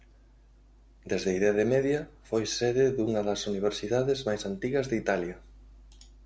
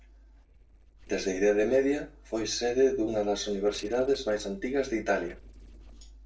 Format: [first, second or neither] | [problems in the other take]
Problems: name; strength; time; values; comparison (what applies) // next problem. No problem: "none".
first | noise reduction (neural separator model SepFormer DNS4)